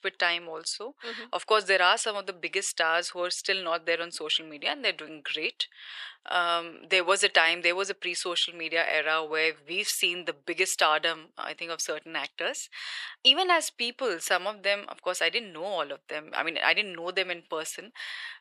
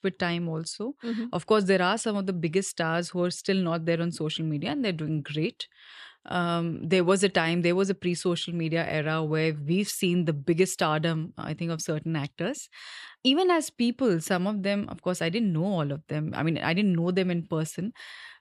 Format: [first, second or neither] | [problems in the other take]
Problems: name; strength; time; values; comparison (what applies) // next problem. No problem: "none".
second | thin; very; fading below 500 Hz